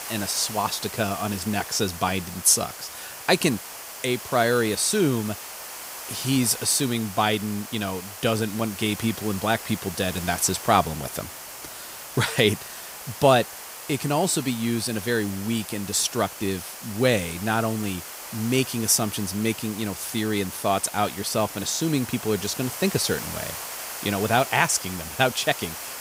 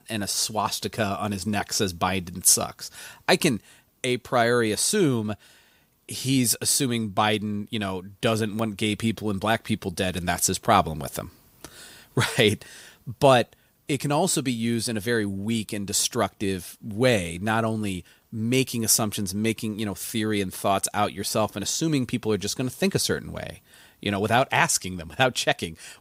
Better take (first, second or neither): second